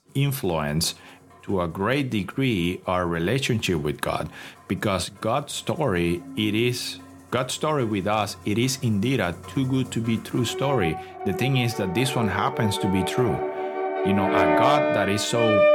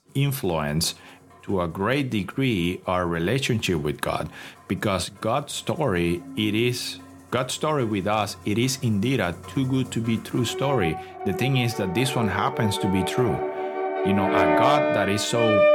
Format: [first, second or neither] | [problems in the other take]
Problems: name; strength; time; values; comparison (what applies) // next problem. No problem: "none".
neither | background music; loud; throughout; 2 dB below the speech; the same in both